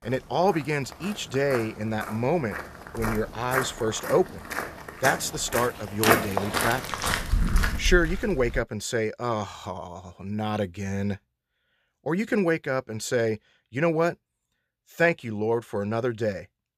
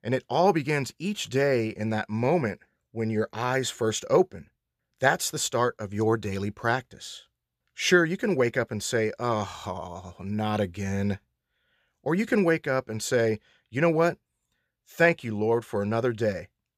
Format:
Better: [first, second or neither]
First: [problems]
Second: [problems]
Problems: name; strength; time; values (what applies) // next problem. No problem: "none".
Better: second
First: footsteps; loud; from 1.5 to 8.5 s; peak 5 dB above the speech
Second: none